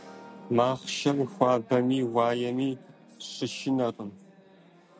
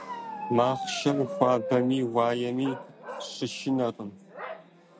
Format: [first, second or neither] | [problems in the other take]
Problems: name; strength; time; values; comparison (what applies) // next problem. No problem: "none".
first | background sound (Bark); 10 dB below the speech